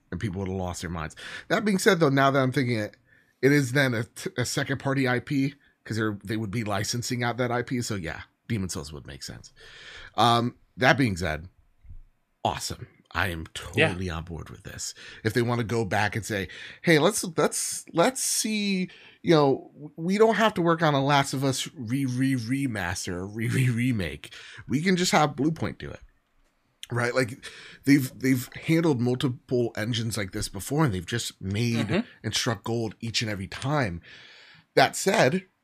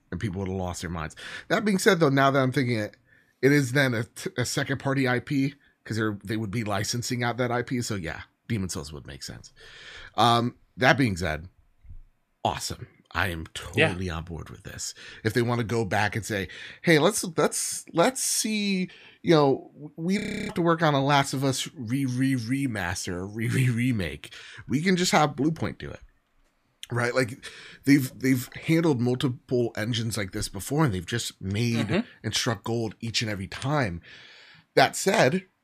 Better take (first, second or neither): first